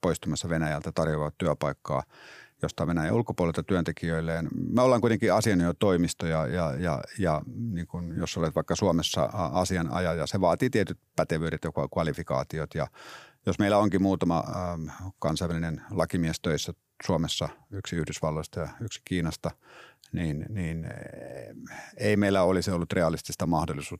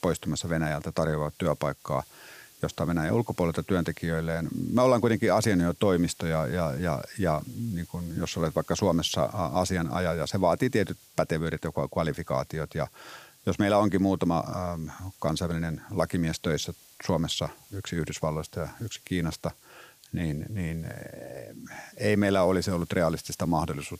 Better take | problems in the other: first | hiss; faint; throughout; 25 dB below the speech

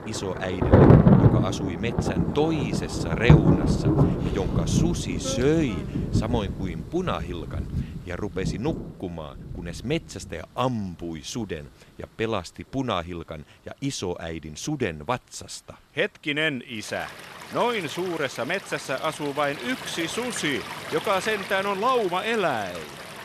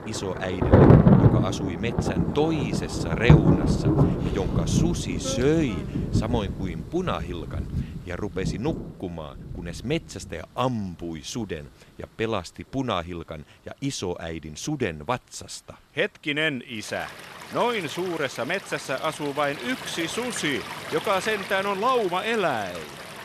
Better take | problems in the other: neither | rain or running water; very loud; throughout; 4 dB above the speech; the same in both

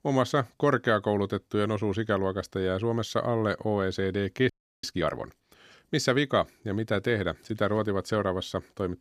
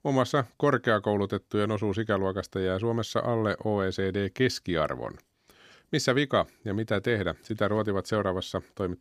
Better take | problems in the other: second | audio freezing; at 4.5 s

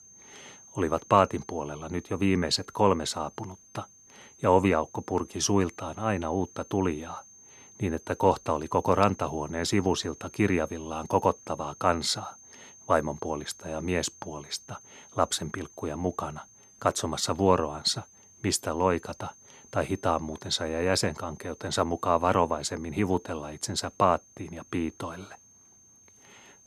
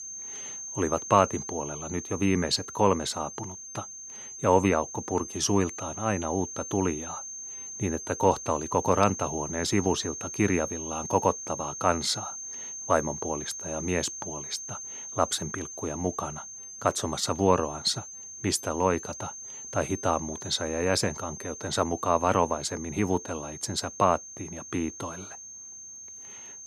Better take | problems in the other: first | high-pitched whine; loud; throughout; 6.5 kHz, 9 dB below the speech; faint in the first

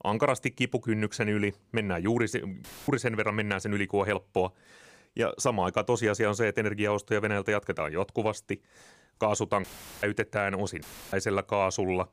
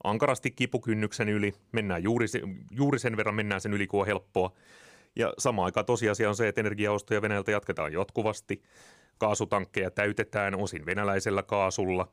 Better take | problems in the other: second | audio cutting out; filled with static; at 2.5 s, at 9.5 s and at 11 s

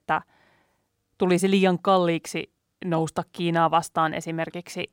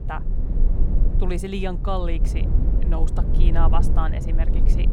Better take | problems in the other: first | low rumble; loud; throughout; 7 dB below the speech

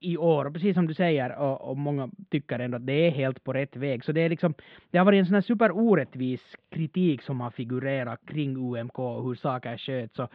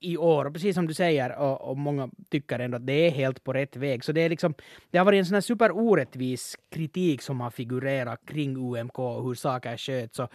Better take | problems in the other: second | muffled; very; fading above 3.5 kHz

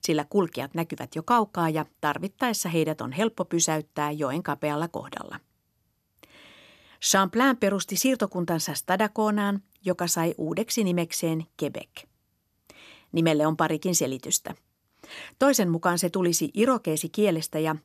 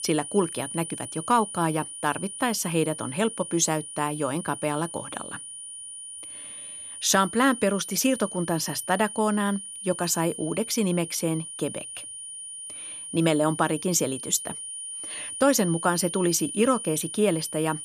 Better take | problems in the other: first | high-pitched whine; loud; throughout; 9.5 kHz, 9 dB below the speech

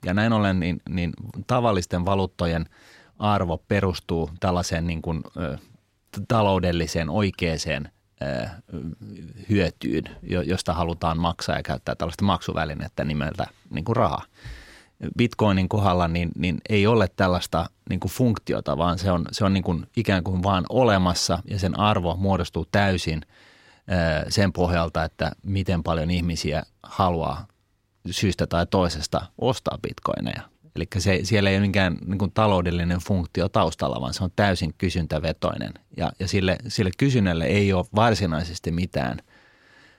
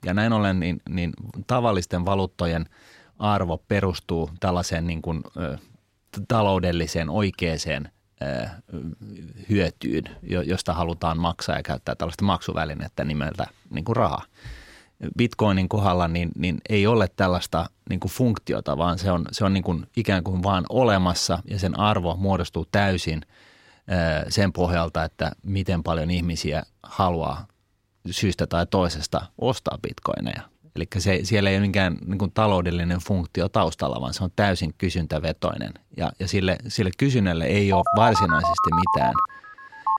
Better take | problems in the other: first | phone ringing; loud; from 38 s on; peak 3 dB above the speech

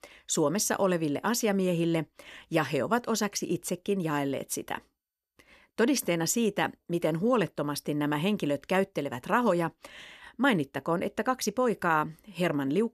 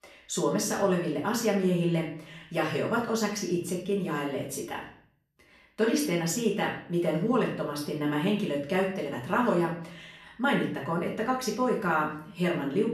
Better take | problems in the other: first | off-mic speech; far // room echo; slight; dies away in 0.5 s

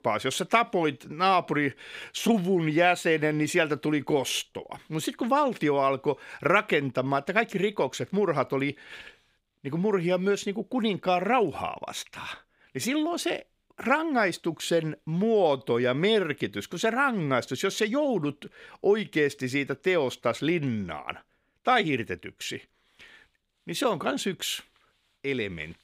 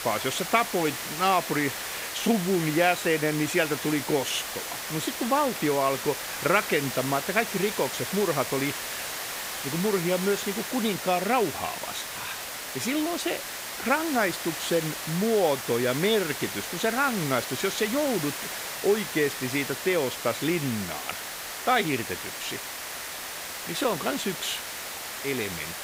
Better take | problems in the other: first | hiss; loud; throughout; 5 dB below the speech

